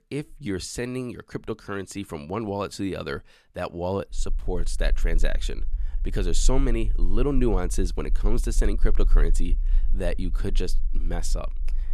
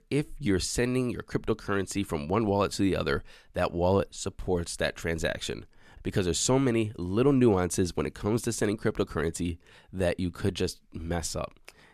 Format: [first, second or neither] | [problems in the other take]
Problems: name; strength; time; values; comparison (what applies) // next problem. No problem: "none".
second | low rumble; faint; from 4 s on; 25 dB below the speech